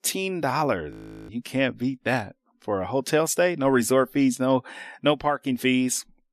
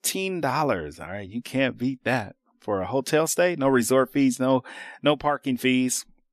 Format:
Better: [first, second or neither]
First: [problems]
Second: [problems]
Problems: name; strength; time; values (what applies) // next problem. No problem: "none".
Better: second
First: audio freezing; at 1 s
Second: none